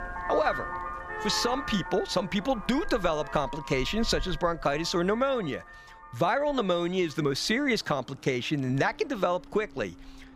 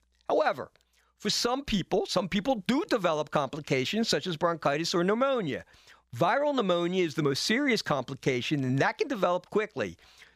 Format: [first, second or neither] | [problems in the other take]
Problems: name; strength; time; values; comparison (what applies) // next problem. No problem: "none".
second | traffic noise; noticeable; throughout; 10 dB below the speech